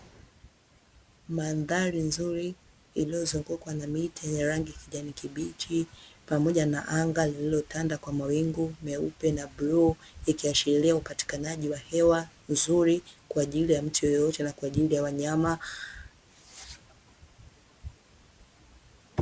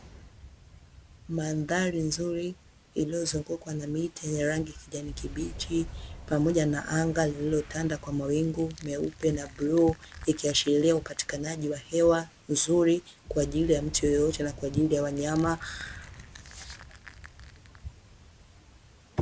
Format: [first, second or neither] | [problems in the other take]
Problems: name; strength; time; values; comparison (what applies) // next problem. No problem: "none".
first | background sound (Boom + Crushing); 17 dB below the speech